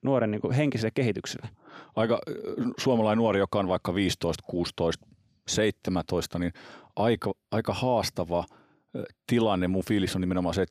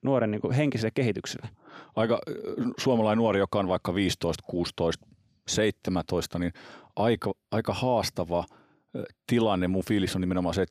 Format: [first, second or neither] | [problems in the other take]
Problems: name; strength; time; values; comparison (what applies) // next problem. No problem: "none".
neither | none